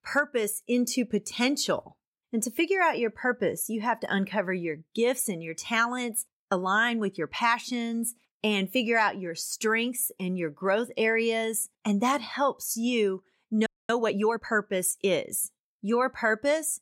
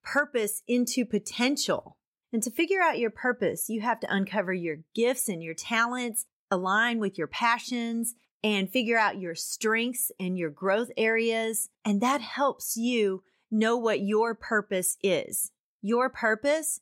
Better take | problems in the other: second | audio freezing; at 14 s

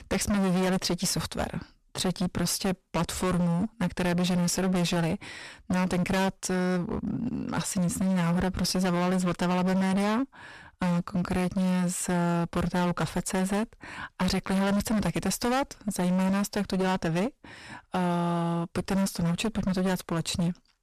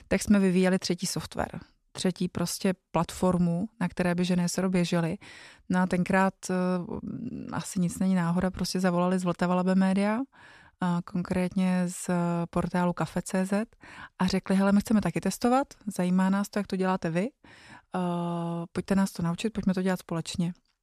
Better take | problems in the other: second | distortion; heavy; 28% of the sound clipped

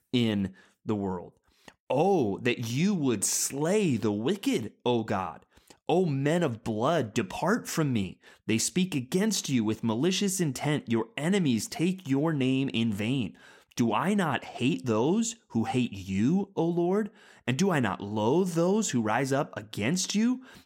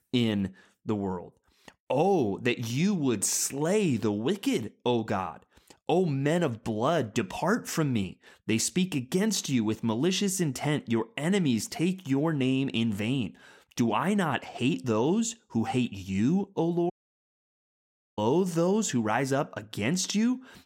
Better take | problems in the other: first | audio cutting out; at 17 s for 1.5 s

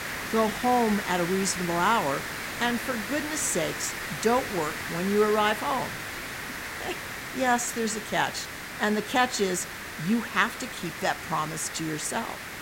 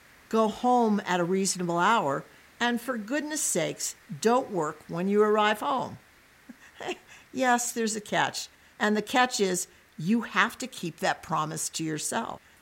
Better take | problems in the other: second | hiss; loud; throughout; 6 dB below the speech; faint in the second

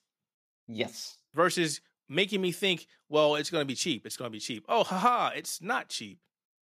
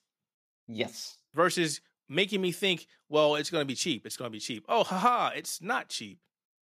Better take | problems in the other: neither | none

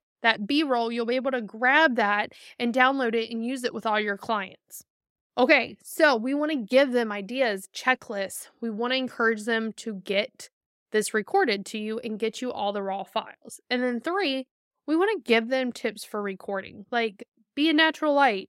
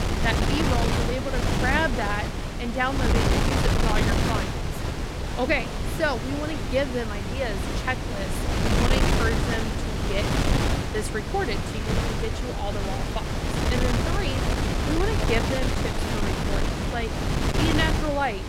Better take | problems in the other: first | wind noise on the microphone; heavy; as loud as the speech

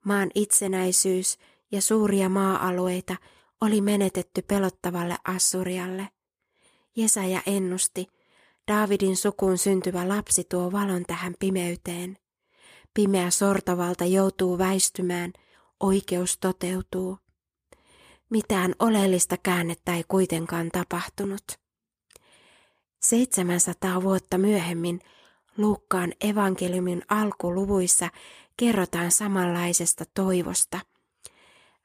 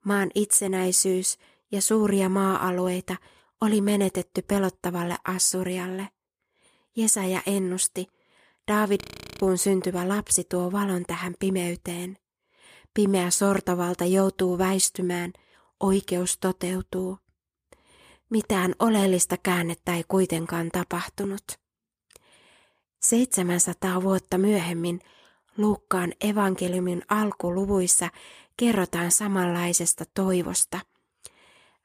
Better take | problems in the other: first | audio freezing; at 9 s

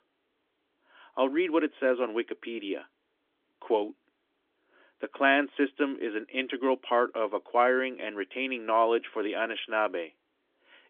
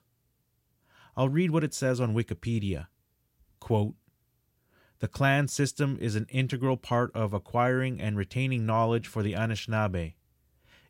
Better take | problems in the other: second | phone-call audio; nothing above 3.5 kHz

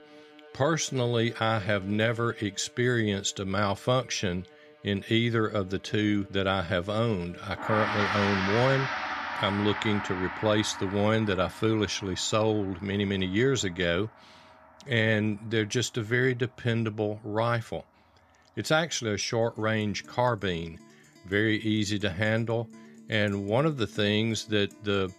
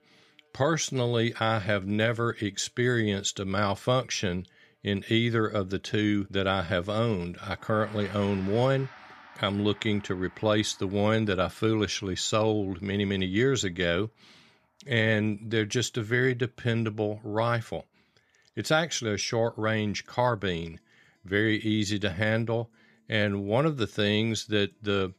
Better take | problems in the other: second | background music; loud; throughout; 7 dB below the speech; faint in the second

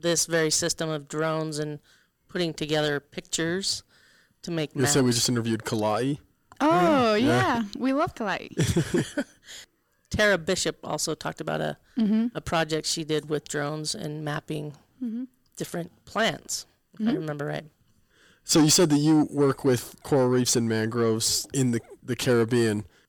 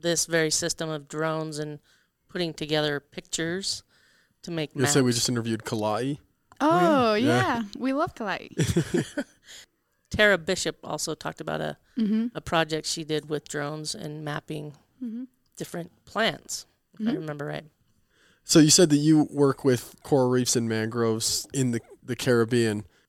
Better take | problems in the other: second | distortion; slight; 10 dB below the speech

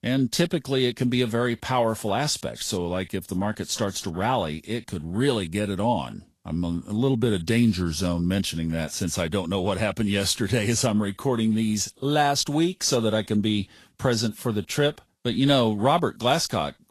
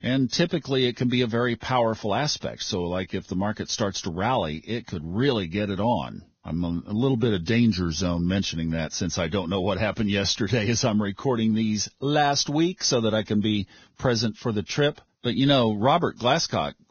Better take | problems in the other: first | garbled, watery; badly; nothing above 6.5 kHz; slightly in the first

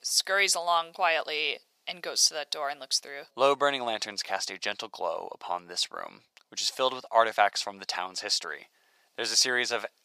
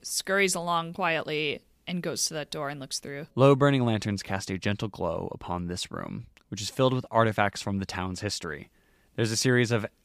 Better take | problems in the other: second | thin; very; fading below 700 Hz

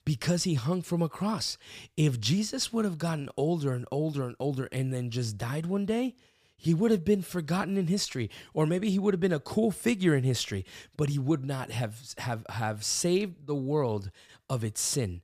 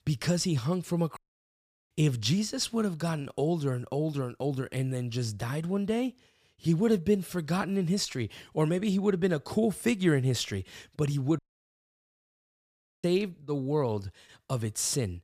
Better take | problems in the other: first | audio cutting out; at 1 s for 0.5 s and at 11 s for 1.5 s

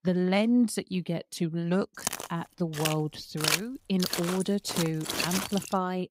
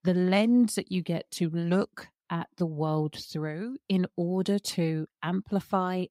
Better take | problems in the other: second | footsteps; loud; from 2 s on; peak 3 dB above the speech

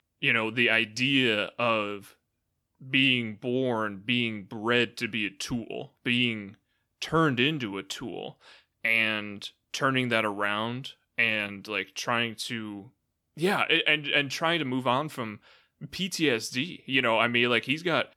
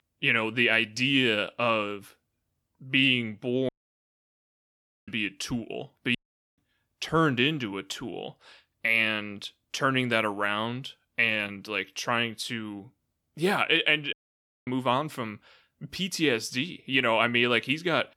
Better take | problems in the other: first | audio cutting out; at 3.5 s for 1.5 s, at 6 s and at 14 s for 0.5 s

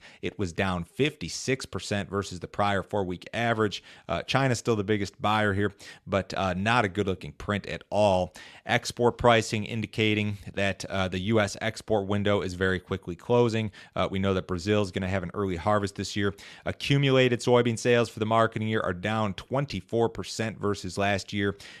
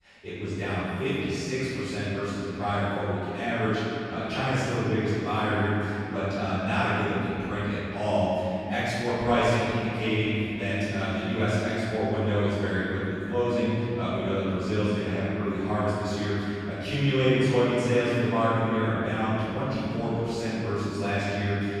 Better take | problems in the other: first | off-mic speech; far // room echo; strong; dies away in 3 s

